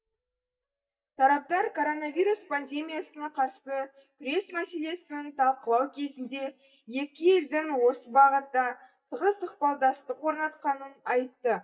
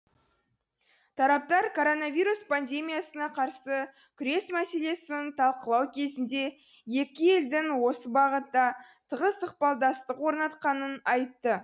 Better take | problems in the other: second | noise reduction (neural mask model DeepFilterNet 3)

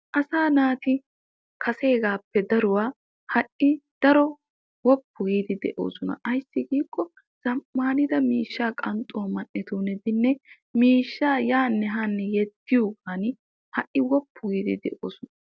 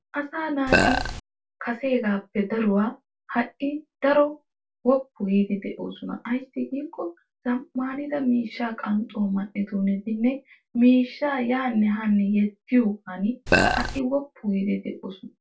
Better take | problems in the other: first | background sound (Burping, eructation); 4 dB above the speech // room echo; dies away in 0.2 s

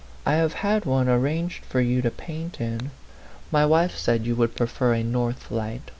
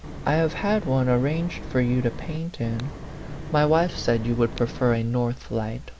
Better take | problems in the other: first | background sound (Wind); 12 dB below the speech

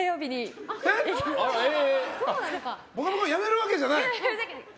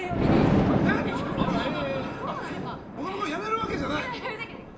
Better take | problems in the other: first | background sound (Thunder); 5 dB above the speech // room echo; dies away in 0.4 s

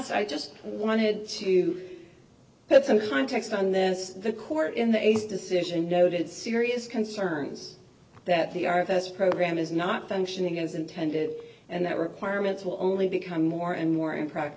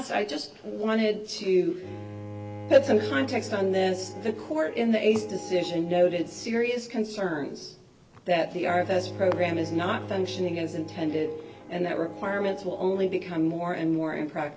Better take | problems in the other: first | background sound (Bowed string instrument); 15 dB below the speech

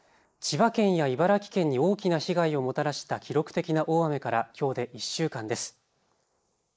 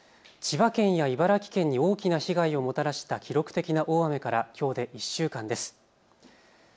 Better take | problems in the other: second | noise reduction (neural mask model Resemble Enhance denoiser)

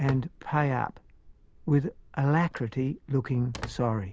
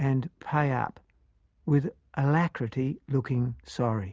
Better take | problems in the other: second | background sound (Telephone); 17 dB below the speech

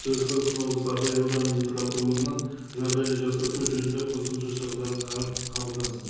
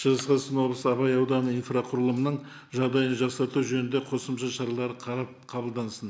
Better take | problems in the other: second | background sound (Keys jangling); 9 dB below the speech // room echo; dies away in 1.3 s

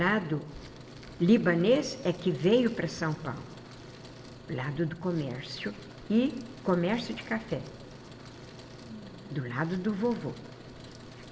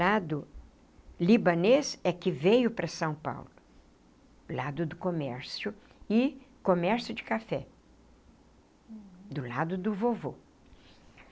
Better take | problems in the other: second | background sound (Truck); 16 dB below the speech // room echo; dies away in 1.5 s

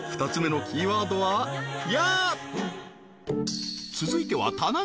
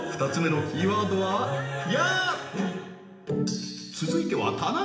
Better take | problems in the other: first | room echo; dies away in 0.8 s

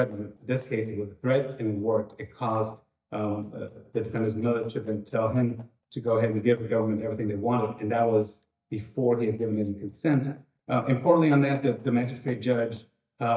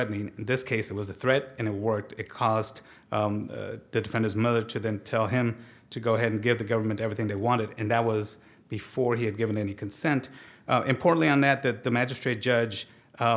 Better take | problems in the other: second | noise reduction (neural mask model DeepFilterNet 3)

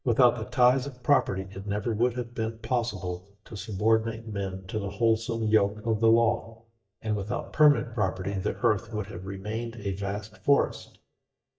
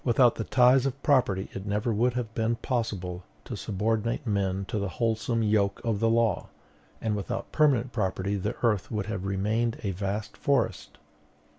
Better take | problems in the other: second | noise reduction (neural mask model DeepFilterNet 3)

